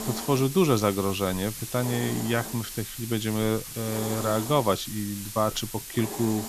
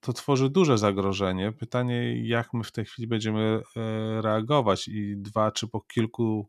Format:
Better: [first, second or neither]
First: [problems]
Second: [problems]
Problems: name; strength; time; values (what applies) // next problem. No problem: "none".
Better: second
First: hiss; loud; throughout; 8 dB below the speech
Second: none